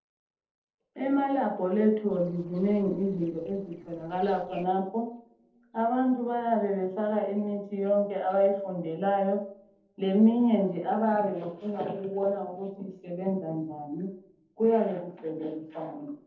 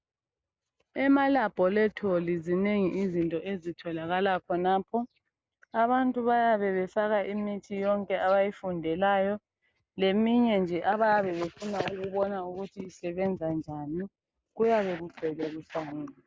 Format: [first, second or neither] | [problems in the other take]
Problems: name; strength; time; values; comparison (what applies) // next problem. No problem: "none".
second | noise reduction (neural separator model SepFormer DNS4)